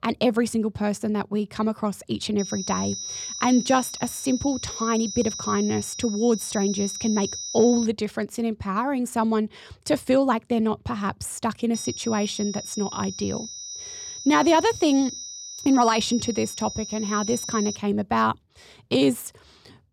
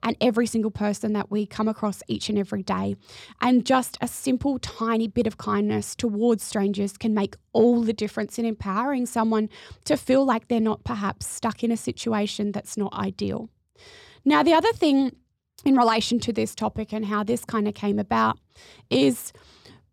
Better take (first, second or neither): second